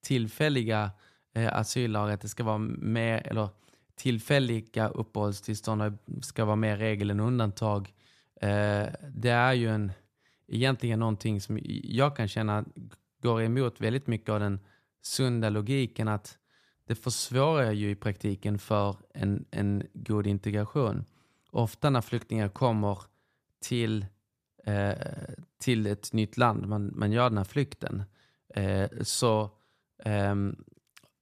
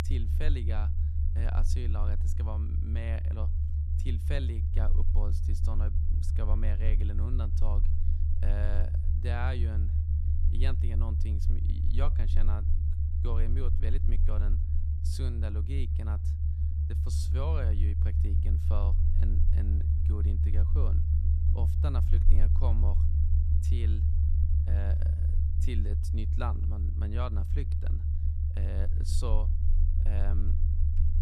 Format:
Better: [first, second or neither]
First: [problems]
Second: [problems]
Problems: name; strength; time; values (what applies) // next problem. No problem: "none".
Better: first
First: none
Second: low rumble; loud; throughout; 3 dB below the speech